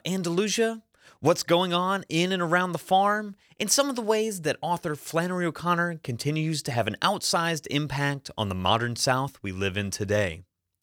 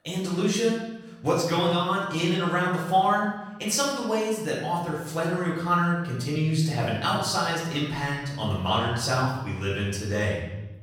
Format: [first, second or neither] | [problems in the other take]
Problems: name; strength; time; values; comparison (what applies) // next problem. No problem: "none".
first | off-mic speech; far // room echo; noticeable; dies away in 1.1 s